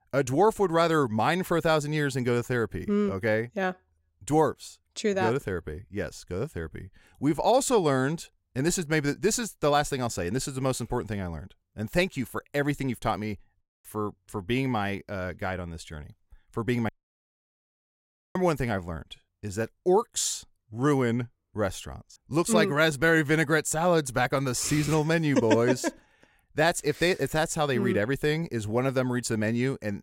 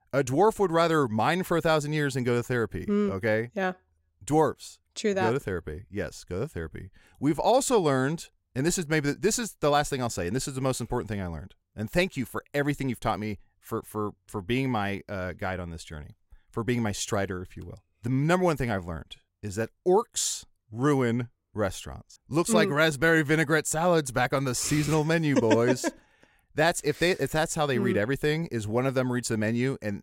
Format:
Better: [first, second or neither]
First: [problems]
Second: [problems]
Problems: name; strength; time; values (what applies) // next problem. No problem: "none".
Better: second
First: audio cutting out; at 14 s and at 17 s for 1.5 s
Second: none